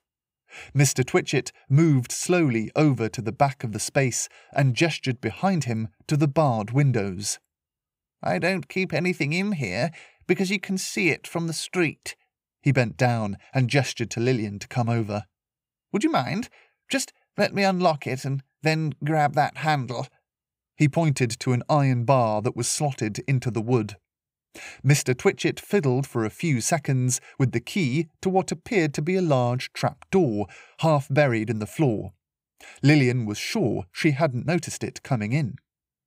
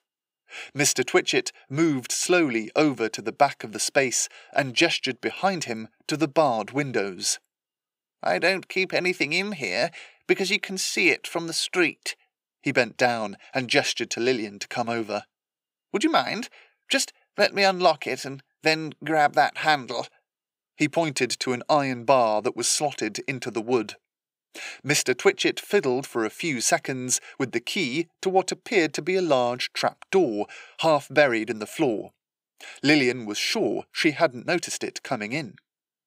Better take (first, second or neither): first